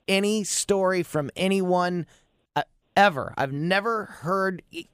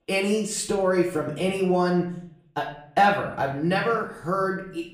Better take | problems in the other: first | room echo; slight; dies away in 0.5 s // off-mic speech; far

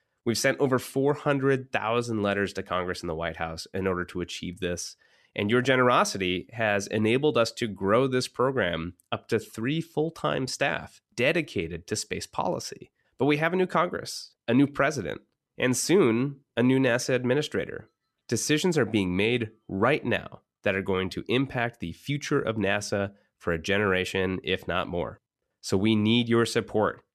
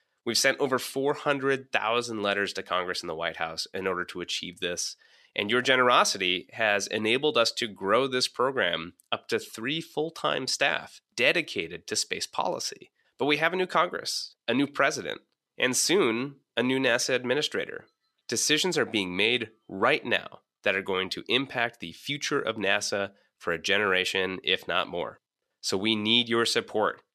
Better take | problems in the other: first | thin; very slightly; fading below 500 Hz

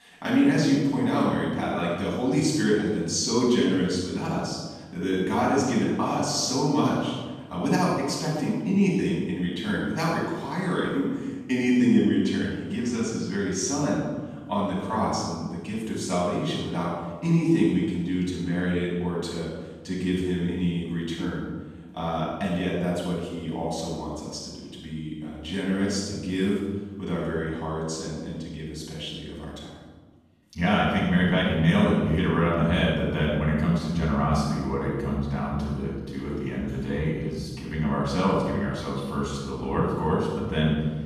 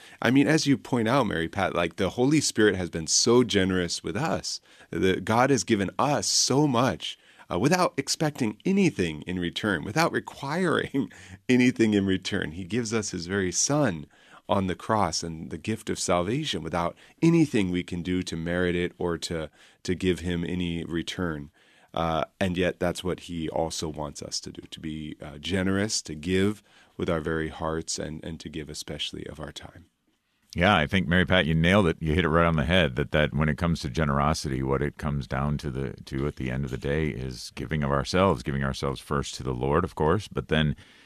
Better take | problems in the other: second | off-mic speech; far // room echo; strong; dies away in 1.2 s

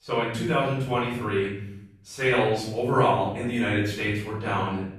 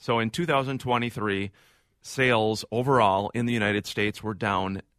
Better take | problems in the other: second | off-mic speech; far // room echo; noticeable; dies away in 0.7 s

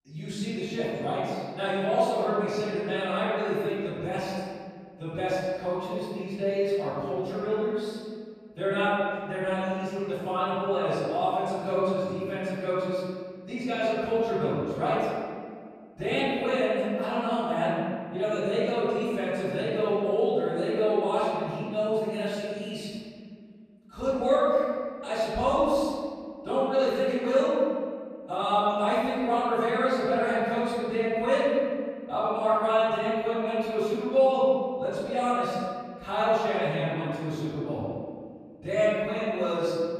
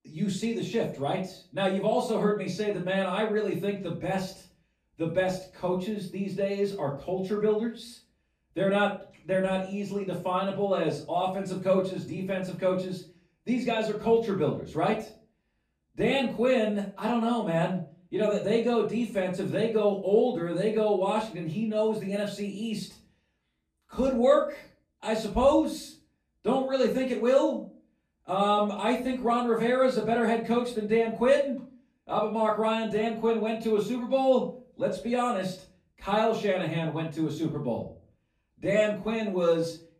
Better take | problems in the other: second | room echo; strong; dies away in 1.8 s; slight in the second // off-mic speech; far; far in the second

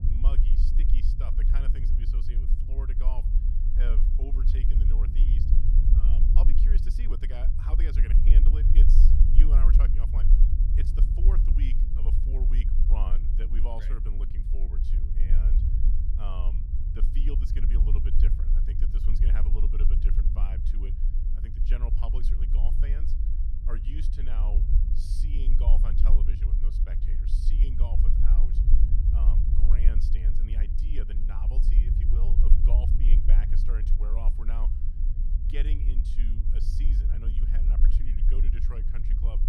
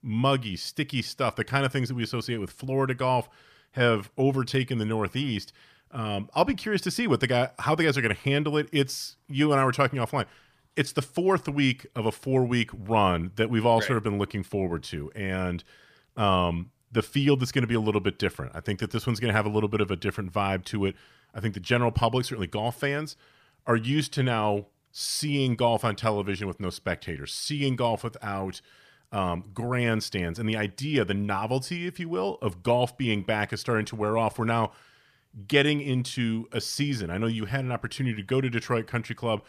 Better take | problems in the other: second | low rumble; loud; throughout; 1 dB below the speech

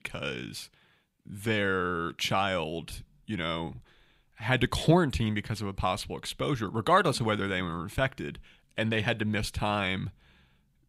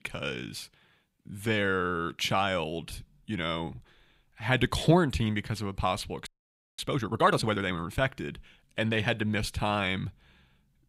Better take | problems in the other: first | audio freezing; at 6.5 s for 0.5 s

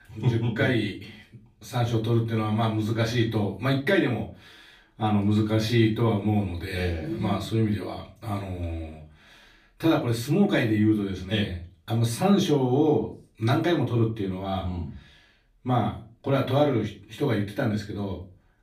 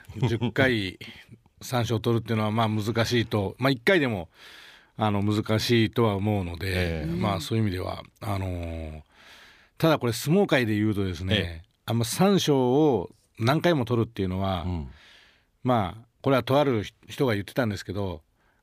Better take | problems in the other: second | off-mic speech; far // room echo; slight; dies away in 0.3 s

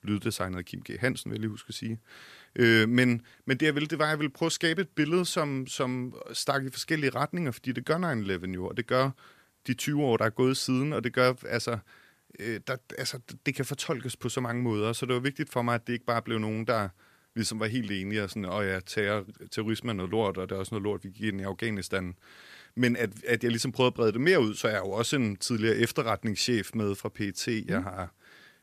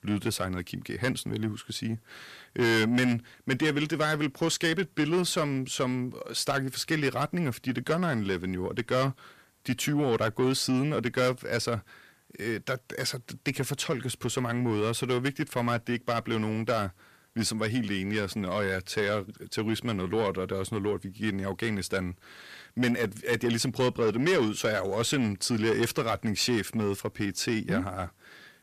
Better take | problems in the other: first | distortion; slight; 10 dB below the speech

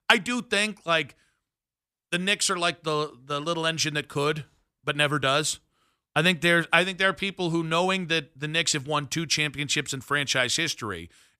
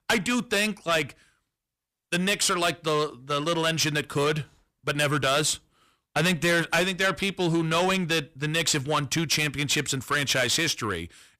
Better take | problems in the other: first | distortion; heavy; 7 dB below the speech

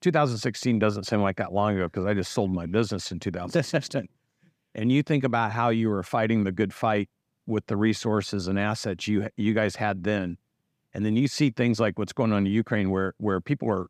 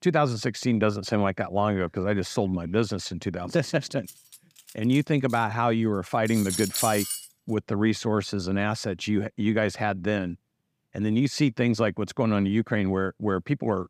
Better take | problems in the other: first | clattering dishes; noticeable; from 4 to 7.5 s; peak 1 dB below the speech

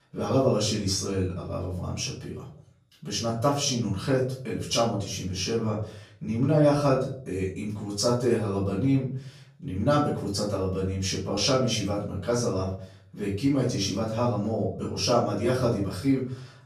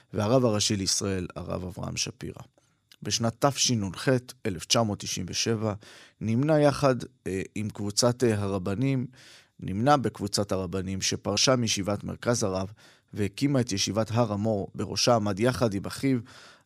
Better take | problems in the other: second | off-mic speech; far // room echo; noticeable; dies away in 0.5 s

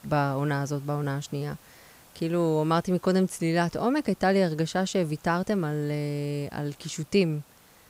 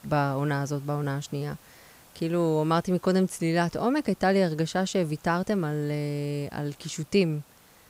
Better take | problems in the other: neither | hiss; faint; throughout; 25 dB below the speech; the same in both

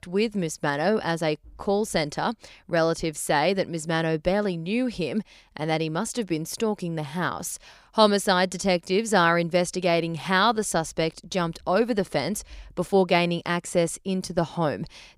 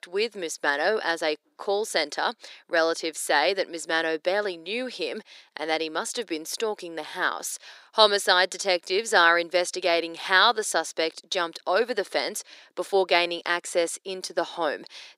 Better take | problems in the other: first | thin; very; fading below 350 Hz

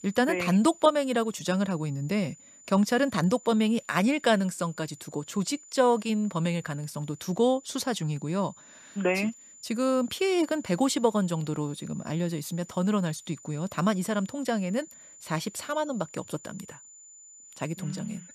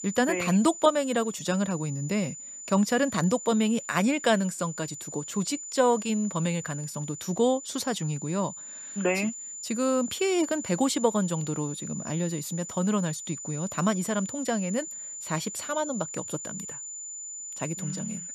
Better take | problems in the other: first | high-pitched whine; loud; throughout; 7 kHz, 9 dB below the speech; faint in the first

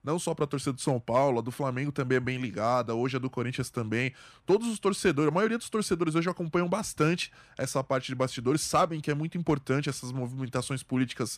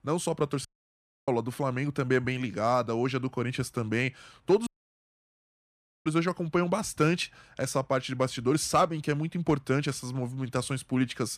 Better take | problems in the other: first | audio cutting out; at 0.5 s for 0.5 s and at 4.5 s for 1.5 s

